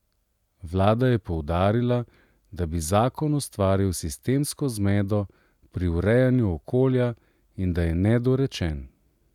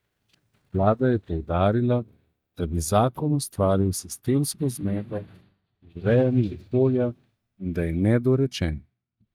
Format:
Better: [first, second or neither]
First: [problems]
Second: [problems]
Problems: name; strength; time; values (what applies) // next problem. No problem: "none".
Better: first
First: none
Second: noise reduction (neural mask model DeepFilterNet 3)